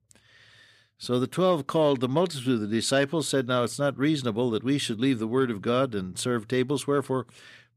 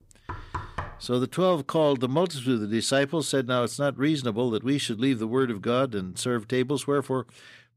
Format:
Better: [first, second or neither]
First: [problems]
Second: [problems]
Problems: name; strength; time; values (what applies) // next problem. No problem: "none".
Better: first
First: none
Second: door banging; noticeable; at 0.5 s; peak 9 dB below the speech